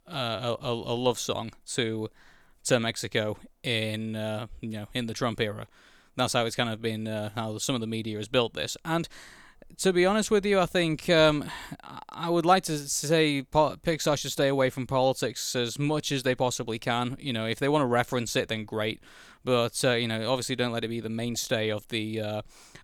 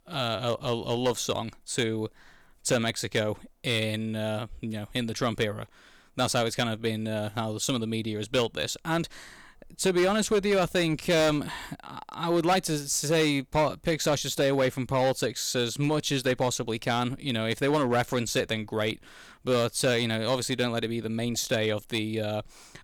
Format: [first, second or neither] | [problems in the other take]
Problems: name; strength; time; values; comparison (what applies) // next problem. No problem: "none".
first | distortion; slight; 5% of the sound clipped